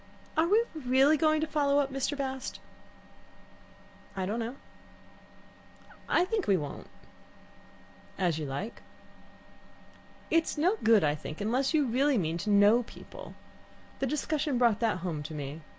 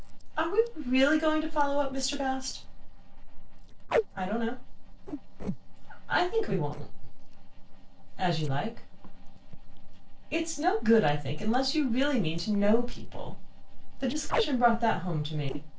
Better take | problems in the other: first | noise reduction (neural separator model SepFormer DNS4)

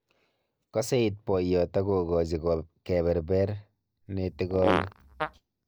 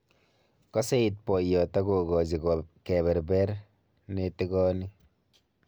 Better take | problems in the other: second | noise reduction (neural mask model DeepFilterNet 3)

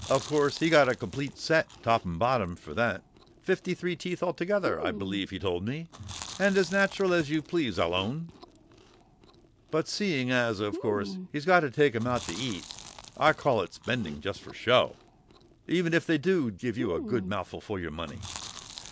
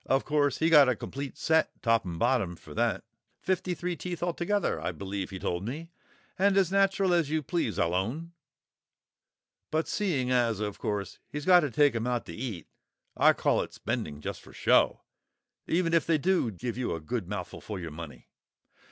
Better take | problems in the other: second | background sound (Chewing, mastication); 15 dB below the speech

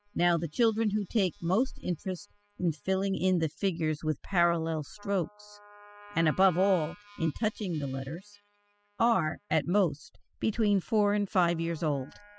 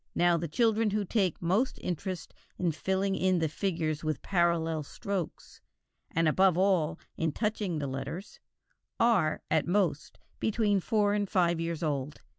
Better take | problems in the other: second | noise reduction (classical method spectral subtraction)

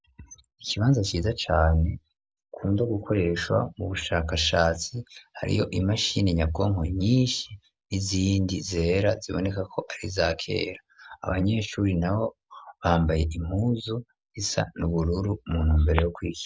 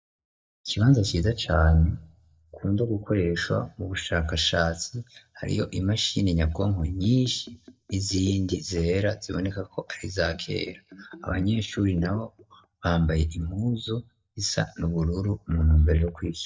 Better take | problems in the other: first | noise reduction (neural mask model DeepFilterNet 3)

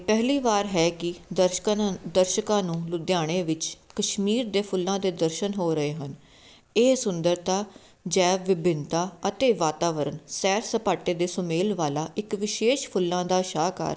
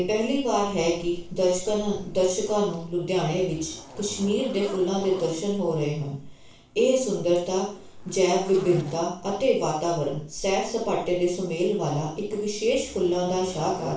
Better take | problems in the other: first | background sound (Zipper (clothing)); 19 dB below the speech // room echo; dies away in 0.4 s

